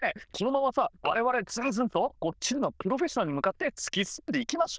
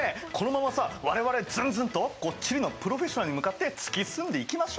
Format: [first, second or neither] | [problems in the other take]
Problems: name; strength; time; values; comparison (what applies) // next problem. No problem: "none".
second | noise reduction (neural diffusion model UNIVERSE++)